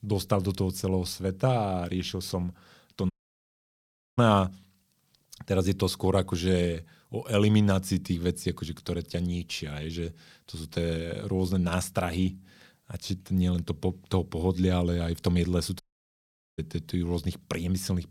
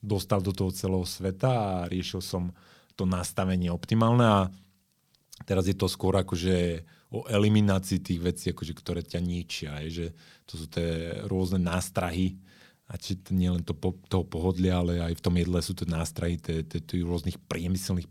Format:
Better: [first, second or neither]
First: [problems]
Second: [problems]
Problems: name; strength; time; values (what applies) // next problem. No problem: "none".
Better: second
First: audio cutting out; at 3 s for 1 s and at 16 s for 1 s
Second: none